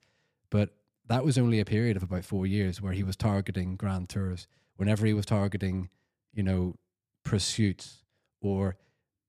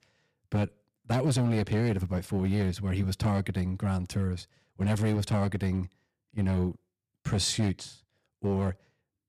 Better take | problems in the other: first | distortion; slight; 6% of the sound clipped

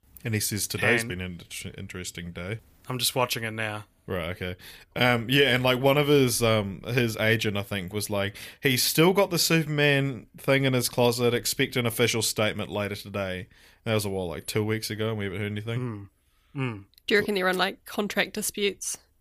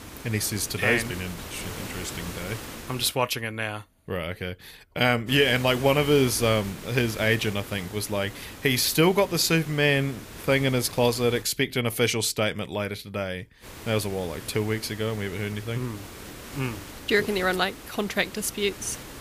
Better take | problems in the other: first | hiss; noticeable; until 3 s, from 5.5 to 11 s and from 14 s on; 15 dB below the speech

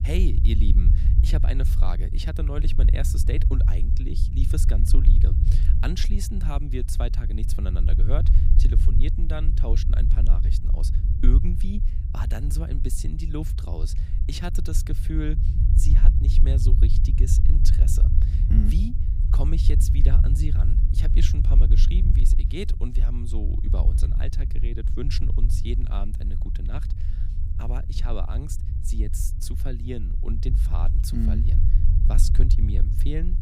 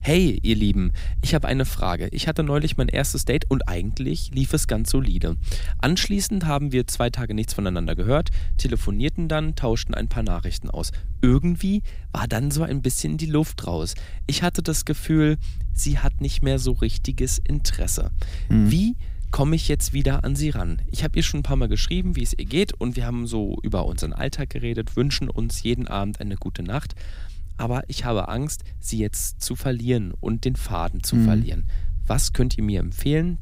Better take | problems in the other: second | low rumble; loud; throughout; 4 dB below the speech; faint in the second

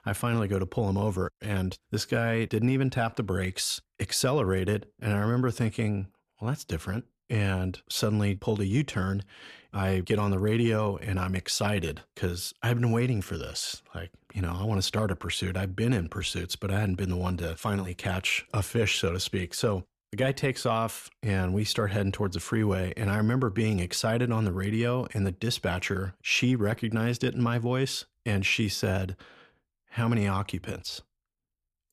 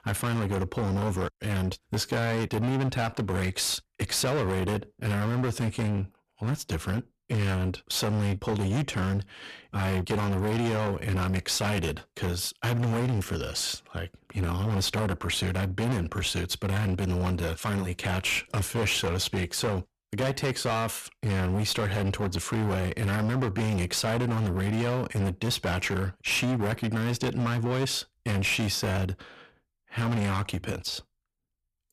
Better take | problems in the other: first | distortion; heavy; 26% of the sound clipped

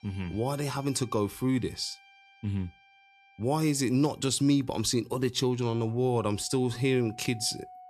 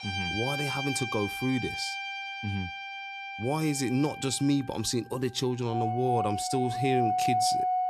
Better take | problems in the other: first | background music; loud; throughout; 2 dB below the speech; faint in the first

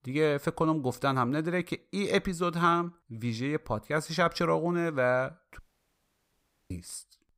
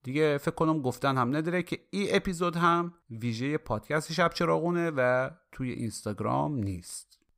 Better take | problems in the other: second | audio cutting out; at 5.5 s for 1 s

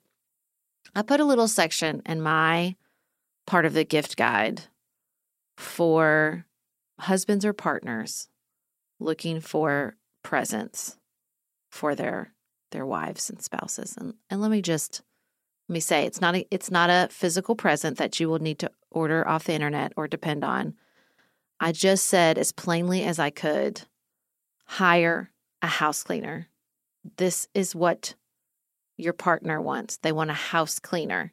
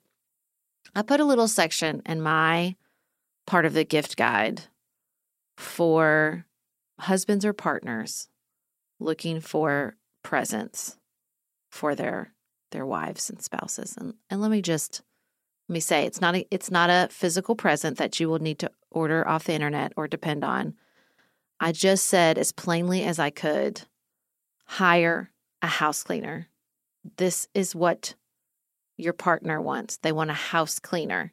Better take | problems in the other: neither | none

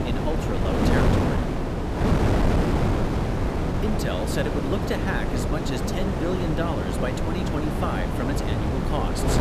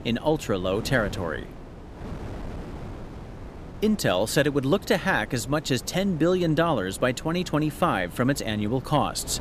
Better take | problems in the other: second | wind noise on the microphone; heavy; 3 dB above the speech; occasional gusts in the second

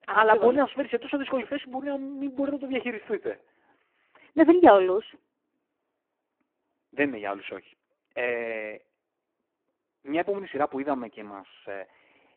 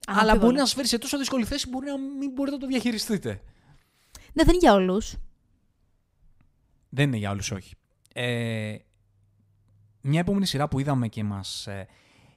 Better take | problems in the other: second | phone-call audio; poor line

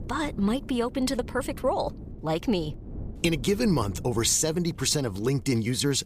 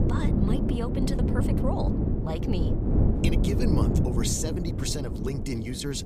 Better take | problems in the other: first | wind noise on the microphone; heavy; as loud as the speech; occasional gusts in the first

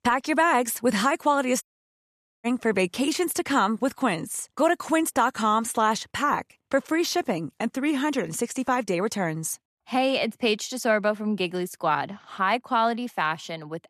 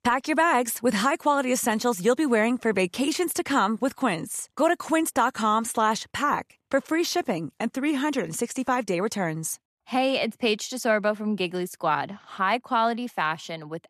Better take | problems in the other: second | audio cutting out; at 1.5 s for 1 s

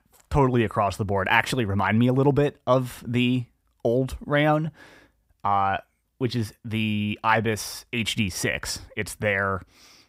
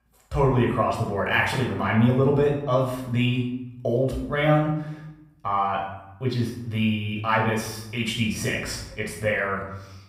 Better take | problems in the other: first | off-mic speech; far // room echo; noticeable; dies away in 0.7 s

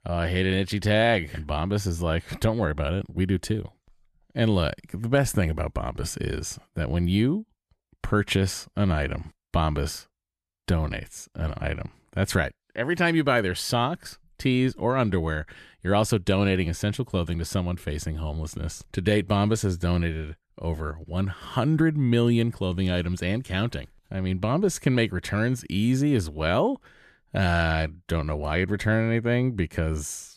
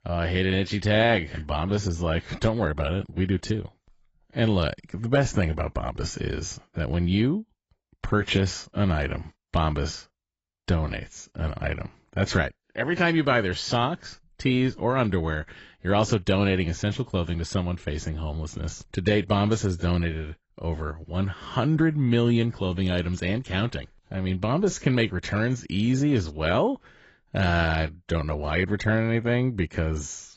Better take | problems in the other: first | garbled, watery; badly; nothing above 7.5 kHz

